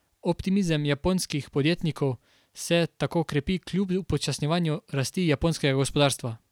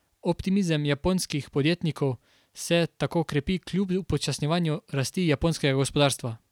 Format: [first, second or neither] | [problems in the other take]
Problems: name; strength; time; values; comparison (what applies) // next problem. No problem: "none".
second | background sound (Whoosh, swoosh, swish); 19 dB below the speech